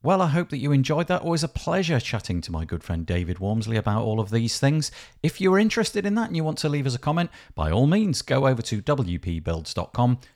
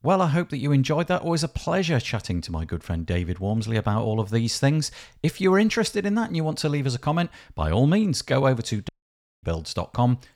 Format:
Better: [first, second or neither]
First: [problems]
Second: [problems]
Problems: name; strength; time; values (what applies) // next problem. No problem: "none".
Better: first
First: none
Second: audio cutting out; at 9 s for 0.5 s